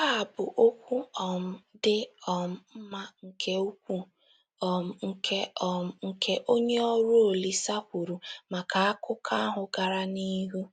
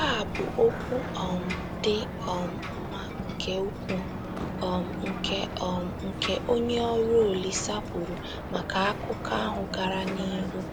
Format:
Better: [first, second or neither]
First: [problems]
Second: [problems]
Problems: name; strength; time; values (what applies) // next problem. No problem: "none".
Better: first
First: none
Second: background sound (Ocean); 4 dB below the speech